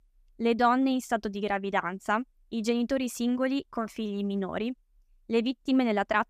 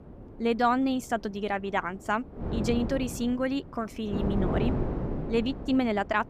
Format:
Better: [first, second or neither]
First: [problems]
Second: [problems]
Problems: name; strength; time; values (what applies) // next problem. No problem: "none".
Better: first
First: none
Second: wind noise on the microphone; heavy; 8 dB below the speech